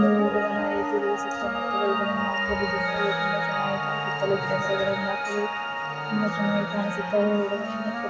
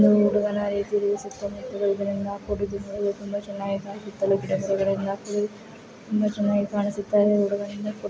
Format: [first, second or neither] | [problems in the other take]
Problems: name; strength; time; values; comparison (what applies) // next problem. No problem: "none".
second | background sound (Piano + Wind instrument, woodwind instrument); 1 dB below the speech